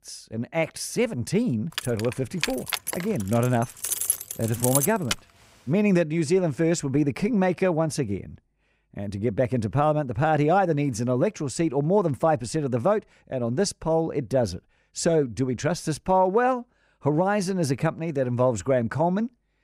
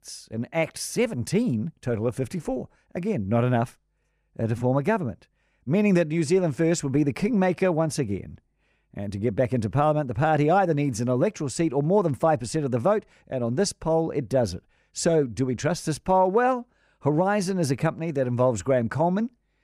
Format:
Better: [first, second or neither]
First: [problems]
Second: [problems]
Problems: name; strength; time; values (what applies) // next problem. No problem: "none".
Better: second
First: jangling keys; loud; from 2 to 5 s; peak 1 dB above the speech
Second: none